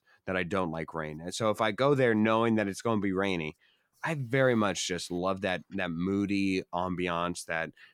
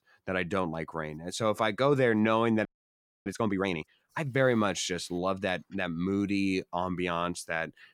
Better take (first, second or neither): first